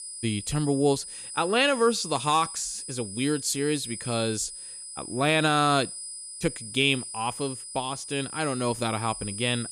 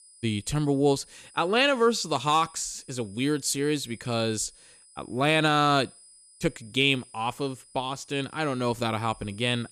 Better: second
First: high-pitched whine; loud; throughout; 9.5 kHz, 9 dB below the speech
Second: high-pitched whine; faint; throughout; 9.5 kHz, 25 dB below the speech

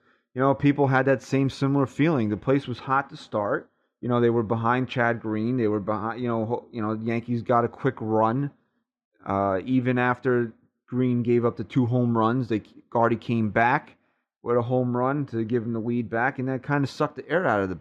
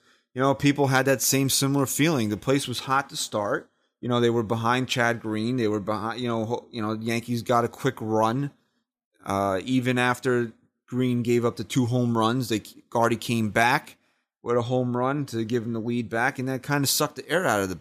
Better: second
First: muffled; very; fading above 2 kHz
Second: none

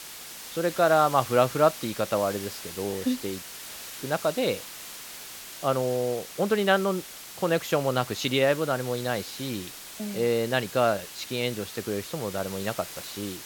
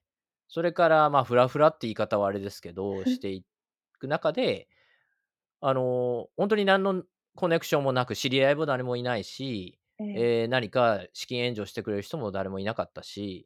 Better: second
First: hiss; noticeable; throughout; 10 dB below the speech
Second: none

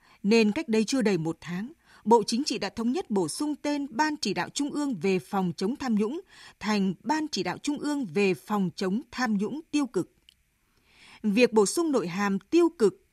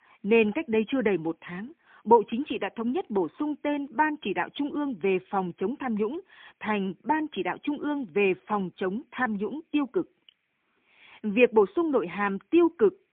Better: first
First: none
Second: phone-call audio; poor line; nothing above 3.5 kHz

